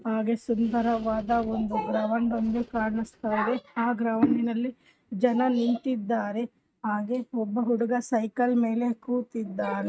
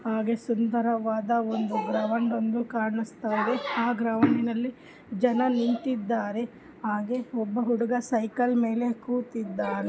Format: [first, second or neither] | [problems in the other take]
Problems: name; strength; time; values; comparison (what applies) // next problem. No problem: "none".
second | noise reduction (neural mask model RNNoise)